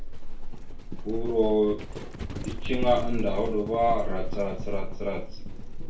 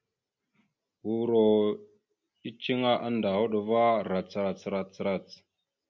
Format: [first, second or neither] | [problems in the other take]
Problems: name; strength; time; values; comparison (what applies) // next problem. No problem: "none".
second | background sound (Livestock, farm animals, working animals); as loud as the speech // room echo; dies away in 0.3 s